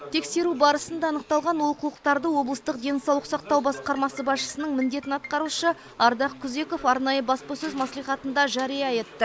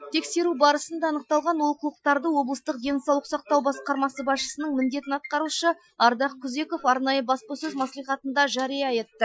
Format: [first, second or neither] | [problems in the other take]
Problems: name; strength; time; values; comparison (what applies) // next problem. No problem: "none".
first | noise reduction (classical method Wiener filter)